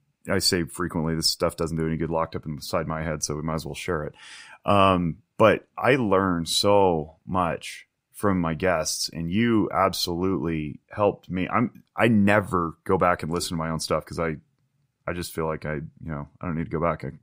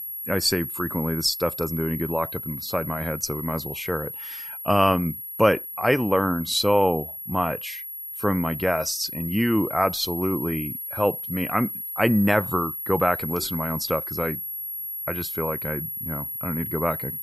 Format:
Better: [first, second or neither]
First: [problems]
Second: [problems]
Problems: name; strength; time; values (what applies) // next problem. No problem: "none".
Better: first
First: none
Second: high-pitched whine; loud; throughout; 11.5 kHz, 6 dB below the speech